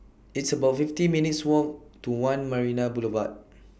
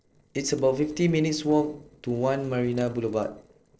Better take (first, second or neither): first